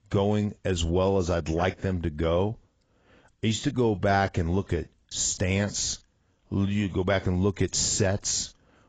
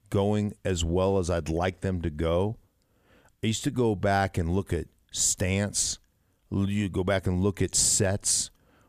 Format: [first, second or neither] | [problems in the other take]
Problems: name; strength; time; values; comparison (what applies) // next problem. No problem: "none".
second | garbled, watery; badly; nothing above 7.5 kHz